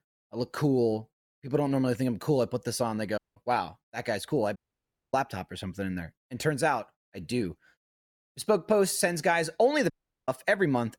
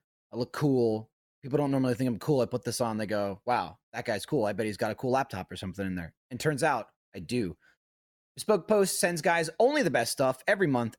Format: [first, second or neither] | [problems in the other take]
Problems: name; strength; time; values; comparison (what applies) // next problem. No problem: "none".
second | audio cutting out; at 3 s, at 4.5 s for 0.5 s and at 10 s